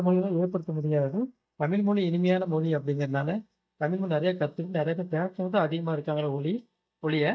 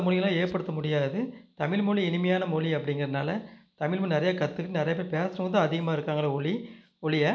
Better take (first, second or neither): second